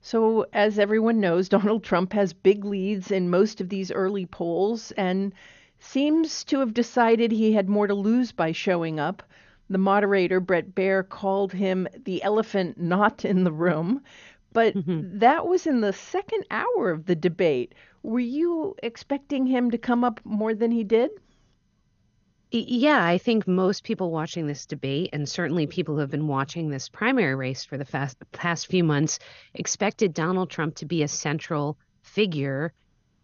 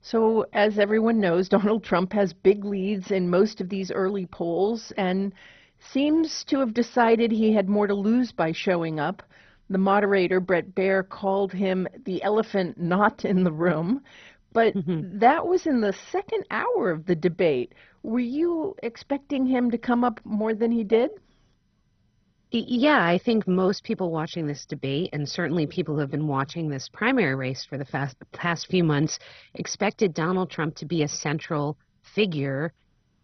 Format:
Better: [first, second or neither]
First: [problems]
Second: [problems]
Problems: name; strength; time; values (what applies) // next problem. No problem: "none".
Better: first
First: garbled, watery; slightly; nothing above 6.5 kHz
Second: garbled, watery; badly; nothing above 6 kHz